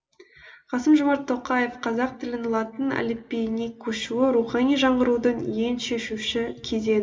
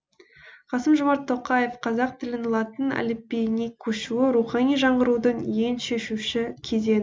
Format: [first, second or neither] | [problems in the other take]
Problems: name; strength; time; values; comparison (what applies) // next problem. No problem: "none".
second | room echo; dies away in 1.4 s